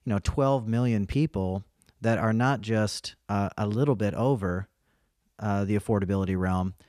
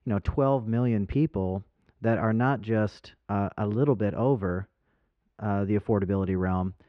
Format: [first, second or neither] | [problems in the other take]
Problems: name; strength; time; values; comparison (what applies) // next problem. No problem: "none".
first | muffled; very; fading above 2 kHz